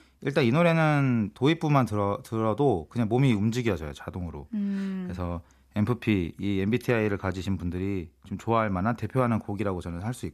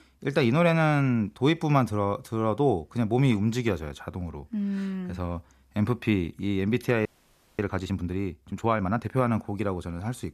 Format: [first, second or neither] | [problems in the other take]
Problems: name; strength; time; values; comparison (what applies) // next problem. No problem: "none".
first | audio freezing; at 7 s for 0.5 s